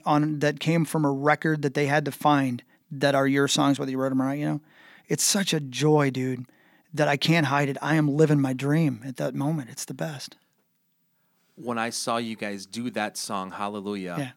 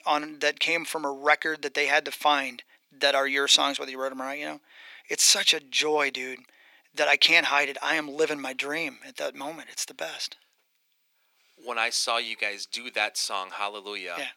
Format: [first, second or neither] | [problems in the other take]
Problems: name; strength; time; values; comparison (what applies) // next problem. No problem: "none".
first | thin; very; fading below 450 Hz